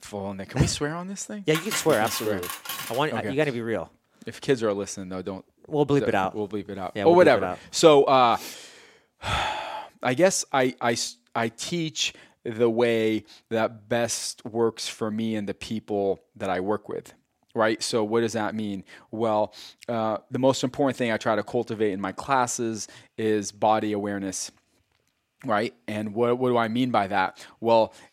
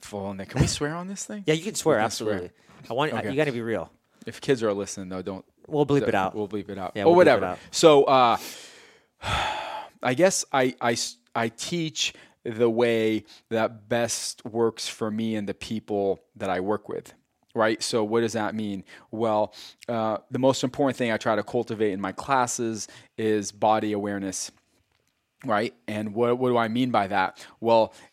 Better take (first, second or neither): second